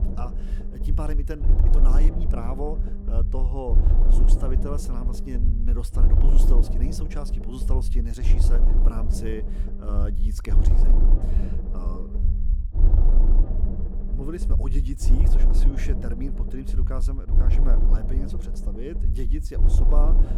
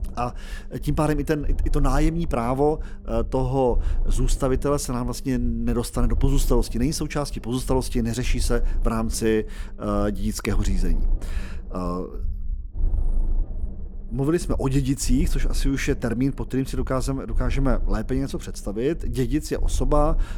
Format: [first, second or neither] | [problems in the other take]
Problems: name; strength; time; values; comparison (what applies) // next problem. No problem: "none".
second | low rumble; loud; throughout; 3 dB below the speech; faint in the second